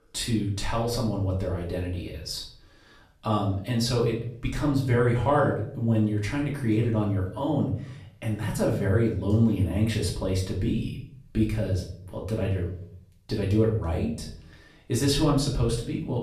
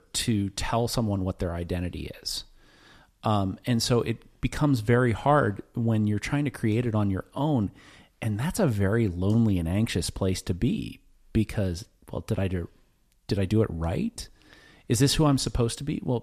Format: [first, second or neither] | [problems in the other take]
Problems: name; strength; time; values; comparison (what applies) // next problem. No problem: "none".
second | room echo; slight; dies away in 0.5 s // off-mic speech; far